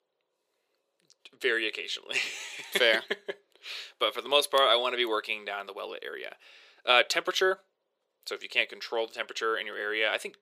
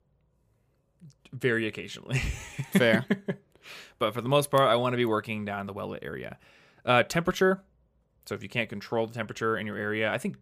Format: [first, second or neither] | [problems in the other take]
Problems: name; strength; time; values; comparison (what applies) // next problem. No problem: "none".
second | thin; very; fading below 400 Hz